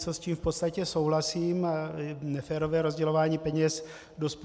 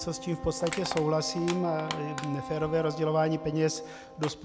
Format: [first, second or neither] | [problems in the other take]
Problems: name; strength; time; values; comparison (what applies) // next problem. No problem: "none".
first | background sound (Wind instrument, woodwind instrument + Crushing); 10 dB below the speech